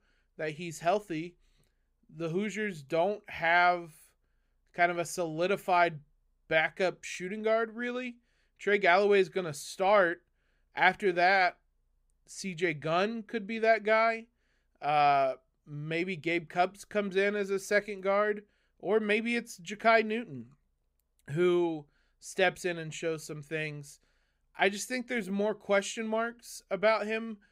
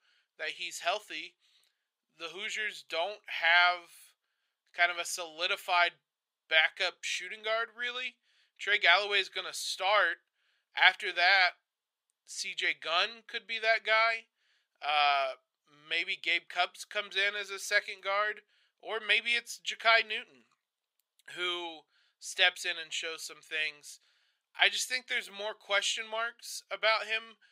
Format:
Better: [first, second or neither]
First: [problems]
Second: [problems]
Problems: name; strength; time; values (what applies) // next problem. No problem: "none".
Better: first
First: none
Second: thin; very; fading below 950 Hz